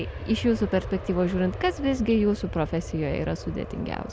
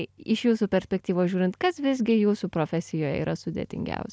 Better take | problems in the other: second | background sound (Aircraft); 9 dB below the speech

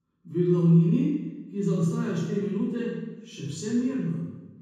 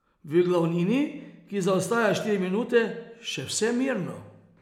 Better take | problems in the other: second | room echo; dies away in 1.1 s

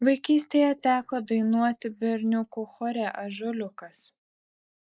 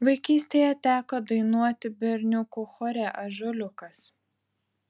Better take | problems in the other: second | noise reduction (neural mask model Resemble Enhance denoiser)

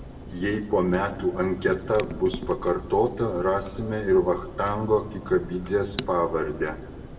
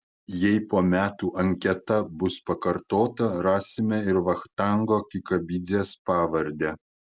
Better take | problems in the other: second | background sound (Clock); 13 dB below the speech // room echo; dies away in 1 s

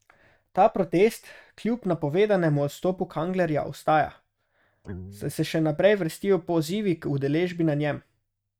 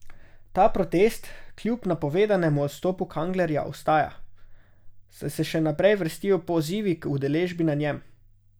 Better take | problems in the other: second | noise reduction (neural mask model RNNoise)

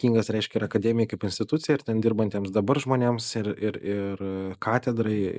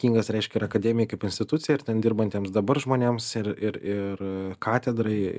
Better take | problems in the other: second | noise reduction (neural mask model Resemble Enhance denoiser)

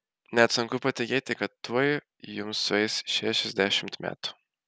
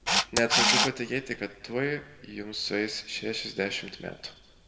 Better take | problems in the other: first | background sound (Camera); 1 dB above the speech // room echo; dies away in 1.1 s

